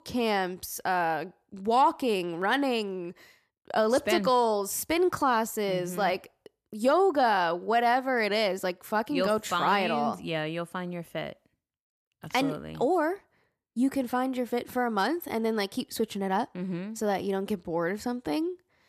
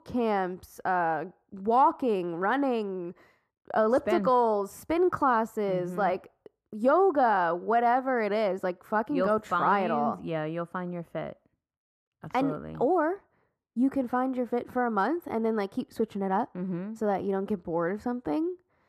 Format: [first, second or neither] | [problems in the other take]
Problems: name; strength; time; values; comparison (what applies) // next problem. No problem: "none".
first | muffled; very; fading above 2 kHz